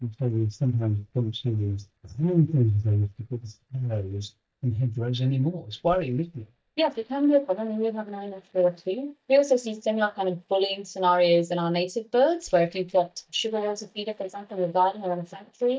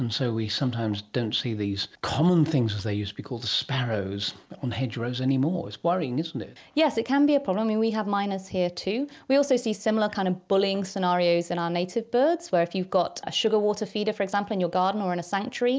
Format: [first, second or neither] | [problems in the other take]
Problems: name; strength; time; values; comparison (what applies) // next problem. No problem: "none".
second | noise reduction (neural mask model DeepFilterNet 3)